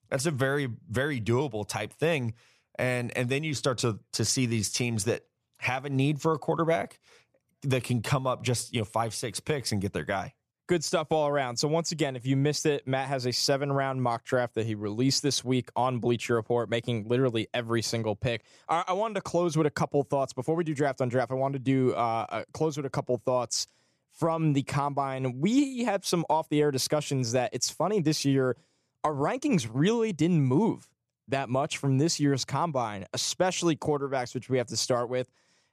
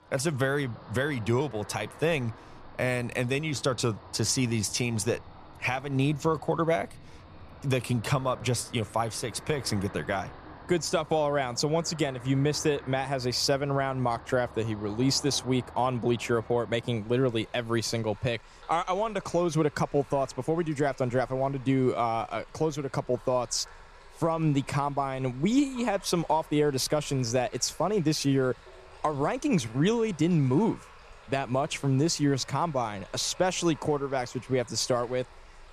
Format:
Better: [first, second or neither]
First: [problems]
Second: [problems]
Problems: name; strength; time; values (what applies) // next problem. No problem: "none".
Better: first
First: none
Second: rain or running water; faint; throughout; 20 dB below the speech